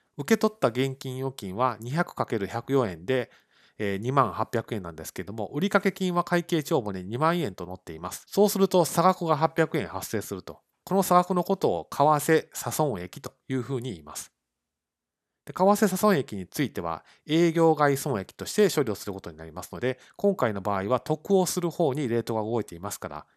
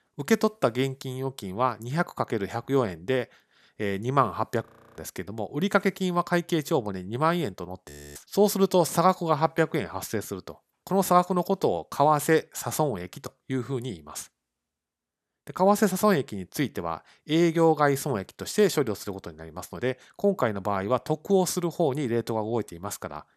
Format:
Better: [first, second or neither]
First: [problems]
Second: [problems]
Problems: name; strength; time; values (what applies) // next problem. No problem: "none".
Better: first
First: none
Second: audio freezing; at 4.5 s and at 8 s